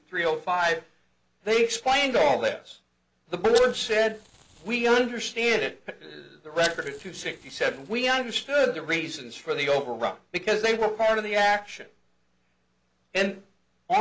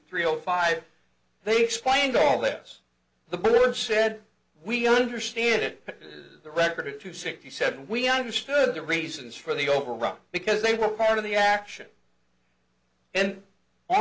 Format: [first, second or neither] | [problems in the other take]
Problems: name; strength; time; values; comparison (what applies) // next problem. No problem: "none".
second | background sound (Fire); 16 dB below the speech